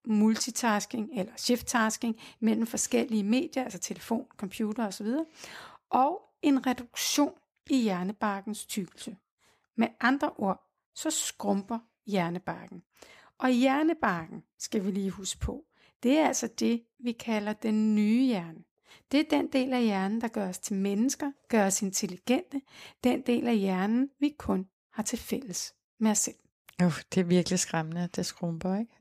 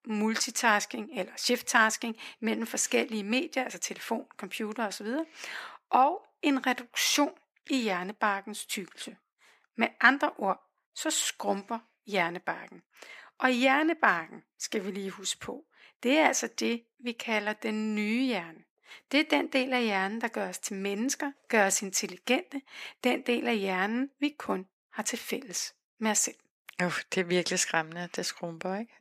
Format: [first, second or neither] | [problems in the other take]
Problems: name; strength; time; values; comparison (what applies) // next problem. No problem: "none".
first | thin; somewhat; fading below 300 Hz